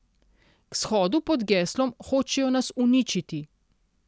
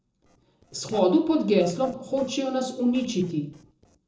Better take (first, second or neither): first